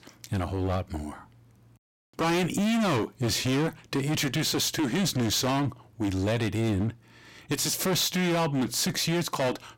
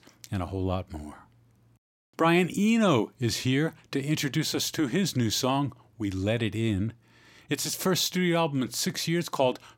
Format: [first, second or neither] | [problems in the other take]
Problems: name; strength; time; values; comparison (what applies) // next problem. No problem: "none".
second | distortion; heavy; 21% of the sound clipped